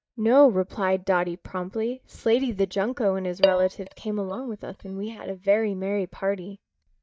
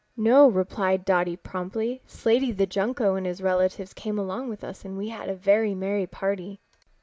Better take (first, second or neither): second